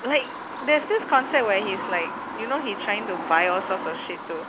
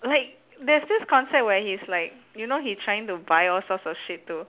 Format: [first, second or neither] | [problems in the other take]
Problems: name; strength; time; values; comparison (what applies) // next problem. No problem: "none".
second | background sound (Bird vocalization, bird call, bird song); 8 dB below the speech